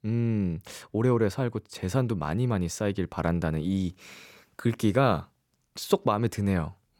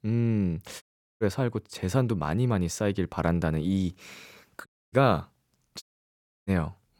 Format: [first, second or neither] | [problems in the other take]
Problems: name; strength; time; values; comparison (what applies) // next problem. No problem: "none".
first | audio cutting out; at 1 s, at 4.5 s and at 6 s for 0.5 s